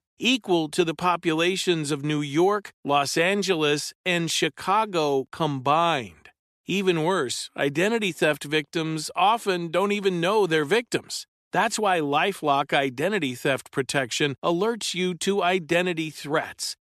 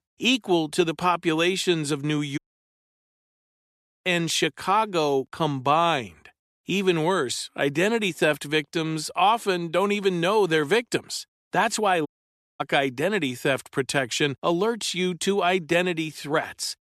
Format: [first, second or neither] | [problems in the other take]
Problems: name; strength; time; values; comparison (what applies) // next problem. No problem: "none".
first | audio cutting out; at 2.5 s for 1.5 s and at 12 s for 0.5 s